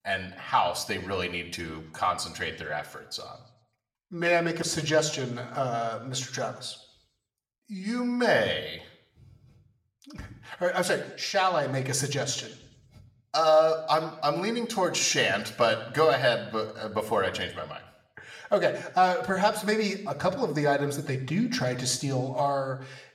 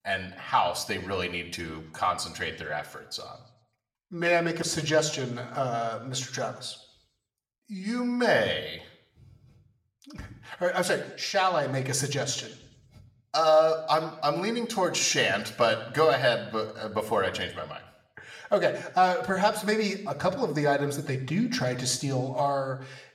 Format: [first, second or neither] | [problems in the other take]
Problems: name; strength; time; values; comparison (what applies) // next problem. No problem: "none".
neither | room echo; very slight; dies away in 0.7 s; the same in both // off-mic speech; somewhat distant; the same in both